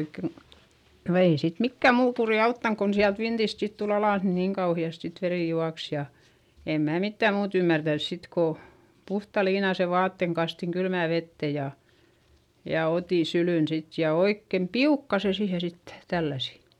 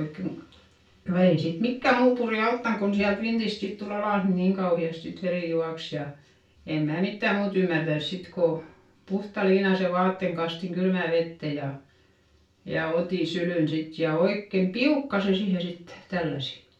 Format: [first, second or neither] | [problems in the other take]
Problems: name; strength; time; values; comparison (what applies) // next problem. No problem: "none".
first | room echo; dies away in 0.3 s